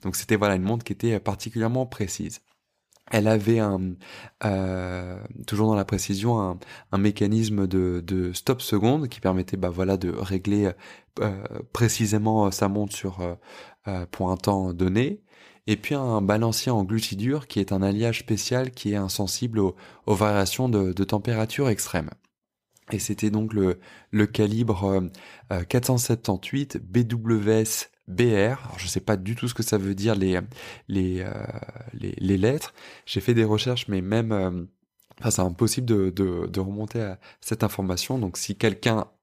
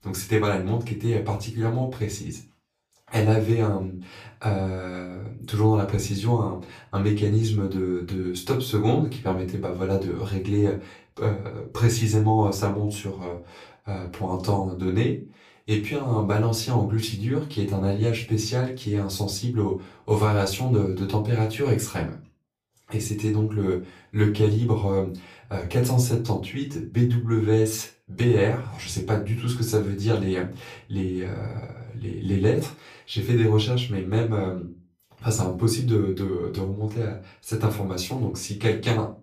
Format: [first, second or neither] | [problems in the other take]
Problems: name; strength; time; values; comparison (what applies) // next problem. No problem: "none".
first | off-mic speech; far // room echo; slight; dies away in 0.3 s